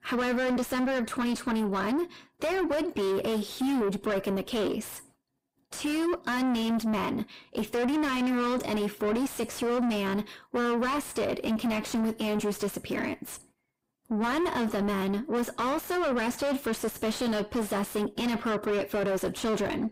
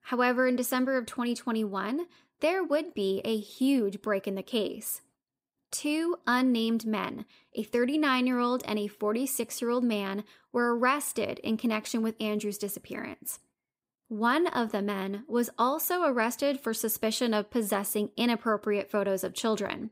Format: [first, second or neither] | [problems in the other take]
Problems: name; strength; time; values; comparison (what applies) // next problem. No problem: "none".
second | distortion; heavy; 5 dB below the speech